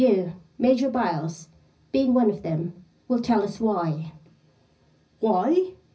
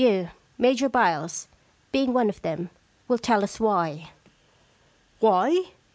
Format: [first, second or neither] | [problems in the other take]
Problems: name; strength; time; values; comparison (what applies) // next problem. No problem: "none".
second | room echo; dies away in 0.4 s